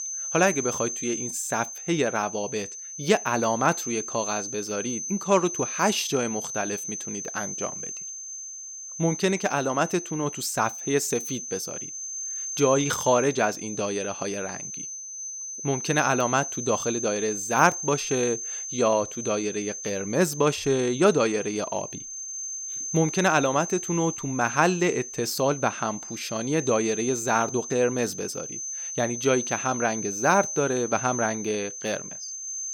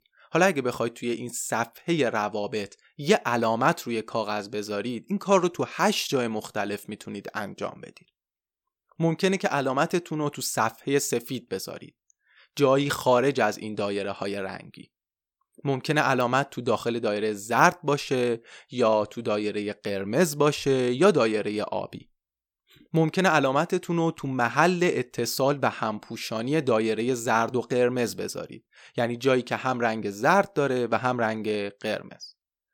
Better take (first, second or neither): second